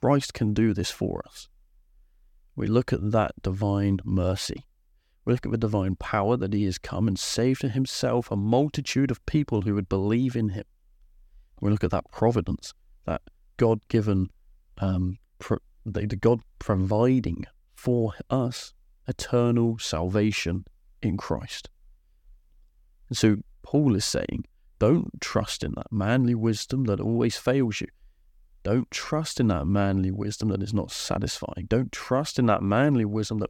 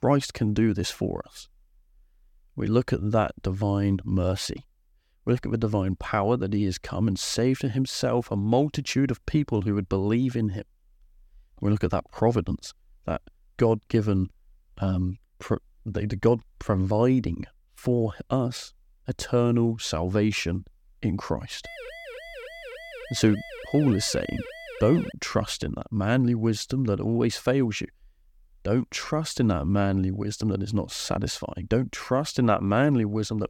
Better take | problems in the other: first | siren; faint; from 22 to 25 s; peak 15 dB below the speech

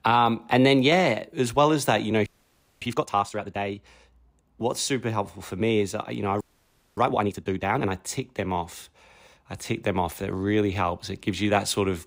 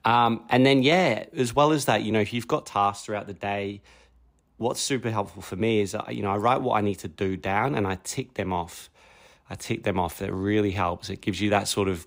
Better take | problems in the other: second | audio freezing; at 2.5 s for 0.5 s and at 6.5 s for 0.5 s

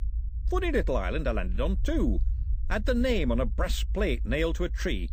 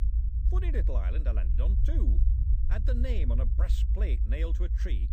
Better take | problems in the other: first | low rumble; loud; throughout; 6 dB below the speech; faint in the first

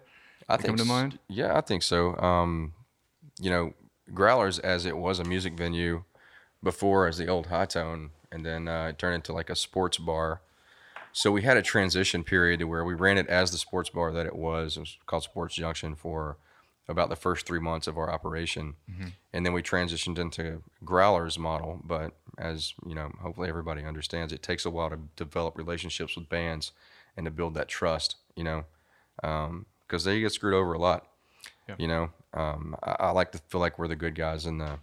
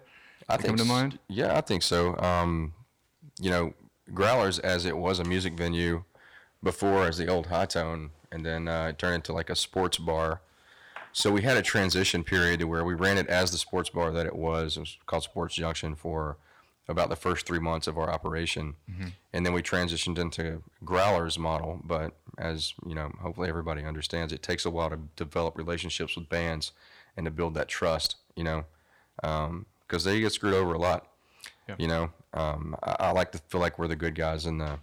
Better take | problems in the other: first | distortion; slight; 3% of the sound clipped

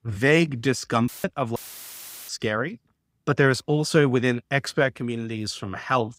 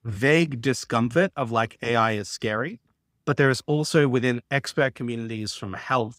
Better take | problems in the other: second | audio cutting out; filled with static; at 1 s and at 1.5 s for 0.5 s

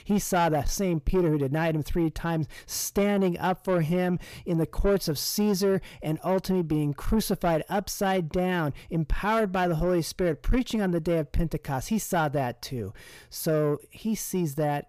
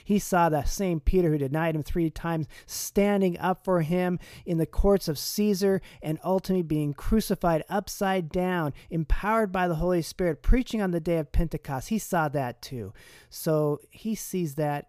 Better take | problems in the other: second | distortion; slight; 10 dB below the speech

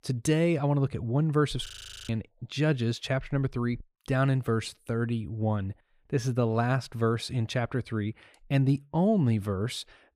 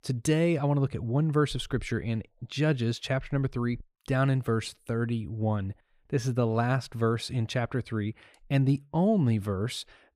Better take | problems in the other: second | audio freezing; at 1.5 s

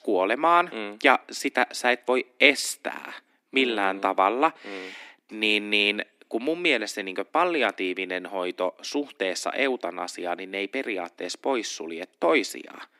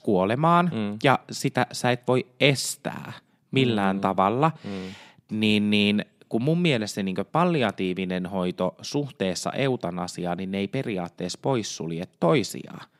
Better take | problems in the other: second | thin; somewhat; fading below 300 Hz

